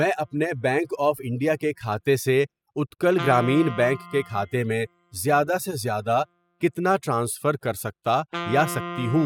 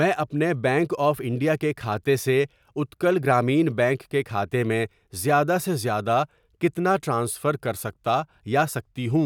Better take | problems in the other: second | noise reduction (classical method spectral subtraction)

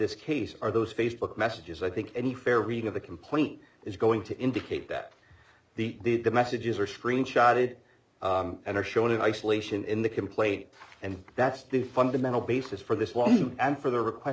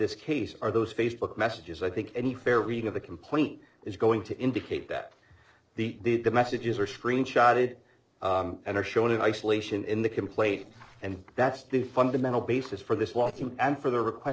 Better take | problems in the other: first | noise reduction (neural separator model SepFormer DNS4)

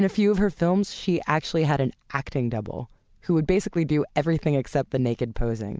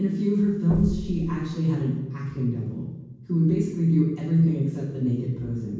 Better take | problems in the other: first | background sound (Explosion); 8 dB below the speech // room echo; dies away in 1.2 s

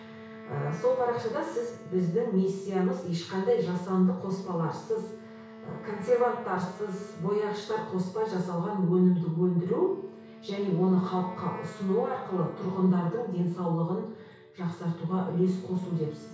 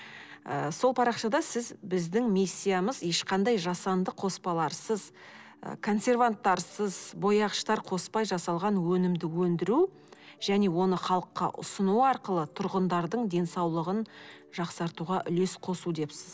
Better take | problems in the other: second | background sound (Wind instrument, woodwind instrument); 19 dB below the speech // room echo; dies away in 0.6 s

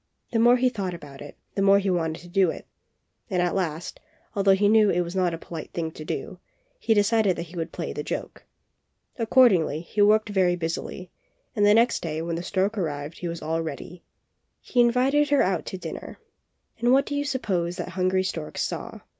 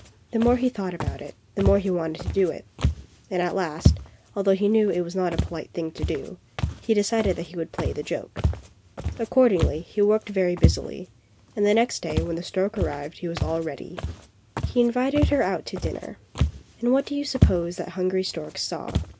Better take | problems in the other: first | background sound (Walk, footsteps); 3 dB below the speech

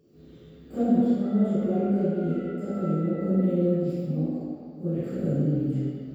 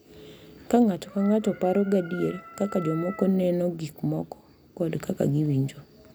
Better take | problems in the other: second | room echo; dies away in 1.9 s

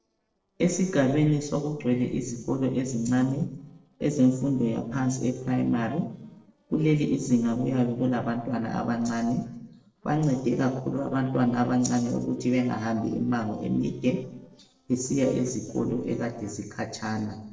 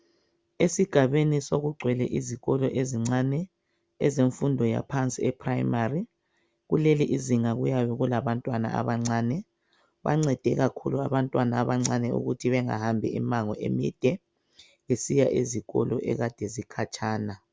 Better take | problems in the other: second | noise reduction (neural separator model SepFormer DNS4)

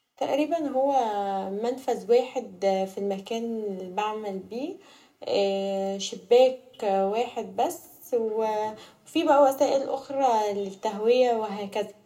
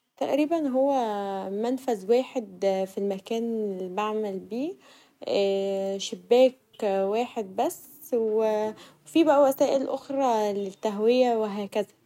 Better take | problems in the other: second | room echo; dies away in 0.3 s

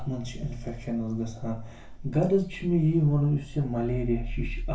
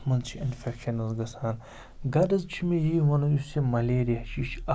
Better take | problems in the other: second | room echo; dies away in 0.3 s

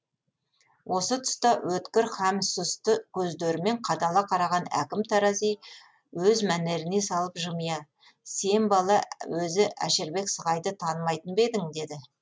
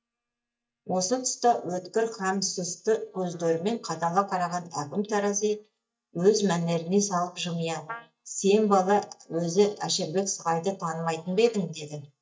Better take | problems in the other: first | noise reduction (neural mask model DeepFilterNet 3)

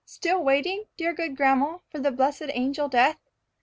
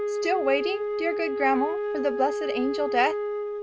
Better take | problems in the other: first | background sound (Wind instrument, woodwind instrument); 1 dB below the speech

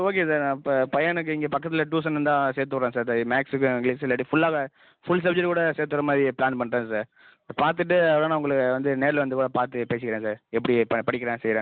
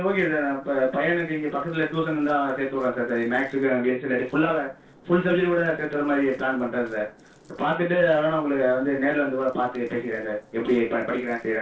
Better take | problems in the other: first | noise reduction (neural separator model SepFormer DNS4)

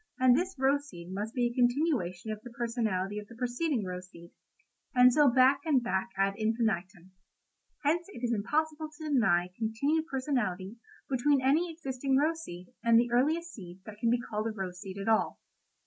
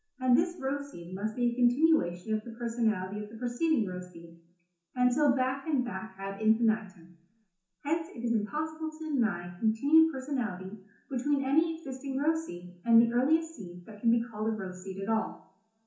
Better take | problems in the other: first | room echo; dies away in 0.7 s

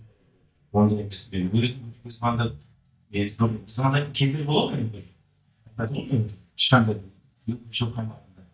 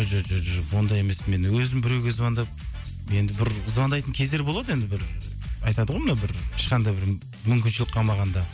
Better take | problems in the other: second | noise reduction (neural mask model DeepFilterNet 3)

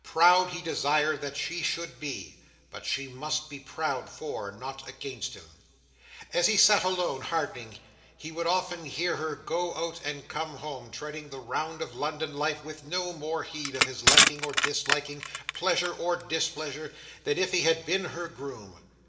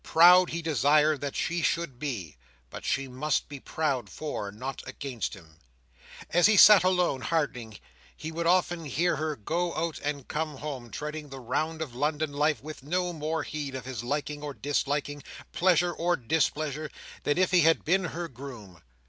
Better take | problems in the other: second | background sound (Crushing); 5 dB above the speech // room echo; dies away in 2.6 s

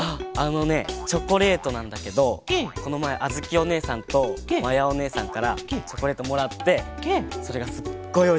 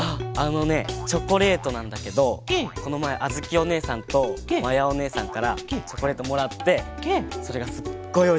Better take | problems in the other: first | background sound (Guitar + Piano); 16 dB below the speech

